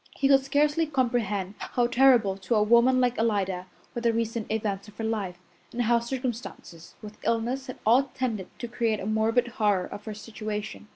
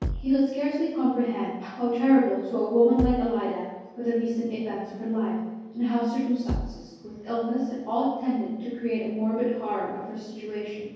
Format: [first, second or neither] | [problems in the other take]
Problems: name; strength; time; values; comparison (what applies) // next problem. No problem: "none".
first | background sound (Bass drum); 7 dB below the speech // room echo; dies away in 1.3 s